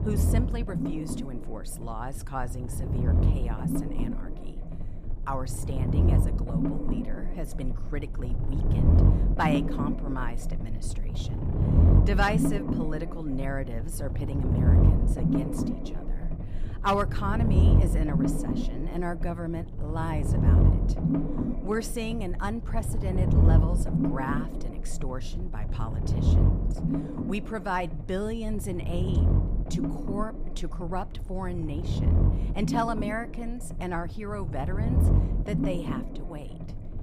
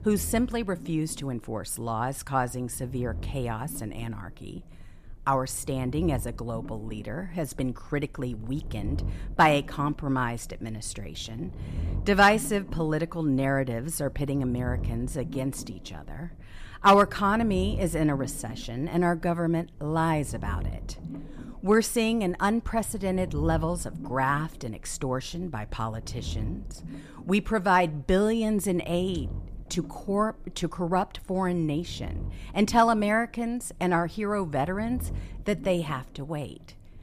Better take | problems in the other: second | low rumble; loud; throughout; 2 dB below the speech; faint in the second

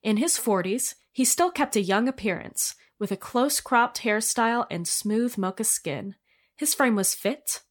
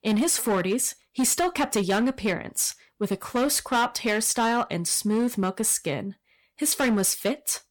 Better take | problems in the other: first | distortion; slight; 11% of the sound clipped

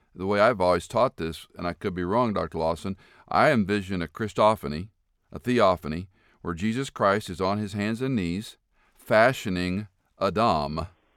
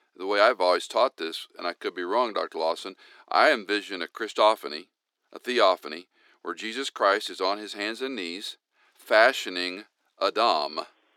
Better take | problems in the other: first | thin; somewhat; fading below 300 Hz

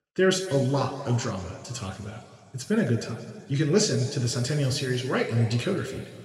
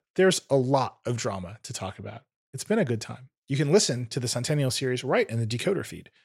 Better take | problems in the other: second | room echo; noticeable; dies away in 2.1 s // off-mic speech; somewhat distant

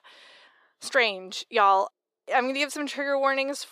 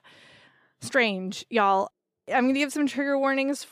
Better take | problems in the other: second | thin; somewhat; fading below 500 Hz

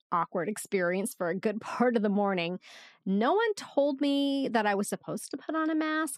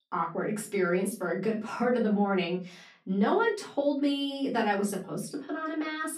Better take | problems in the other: first | off-mic speech; far // room echo; slight; dies away in 0.3 s

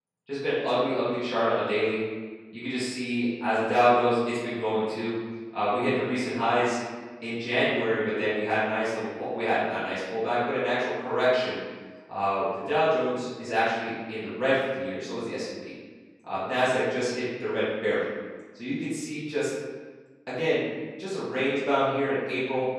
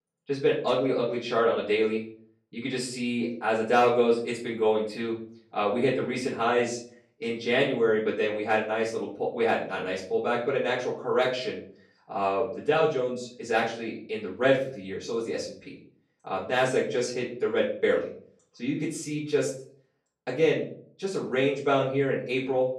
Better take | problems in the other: second | room echo; strong; dies away in 1.3 s; slight in the second // off-mic speech; far; far in the second

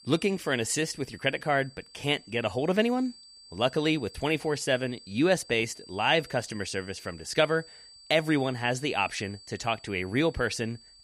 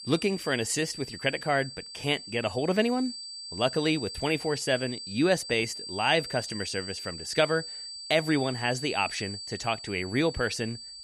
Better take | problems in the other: first | high-pitched whine; loud; throughout; 4.5 kHz, 9 dB below the speech; faint in the first

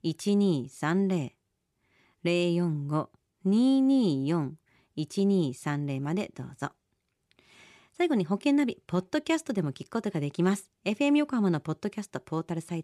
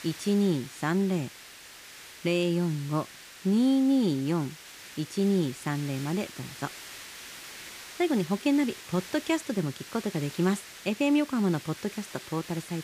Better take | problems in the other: first | hiss; noticeable; throughout; 15 dB below the speech

